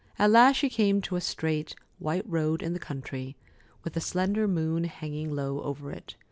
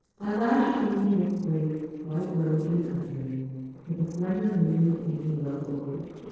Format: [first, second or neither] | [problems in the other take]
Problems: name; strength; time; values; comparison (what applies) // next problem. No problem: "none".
first | noise reduction (neural separator model SepFormer DNS4)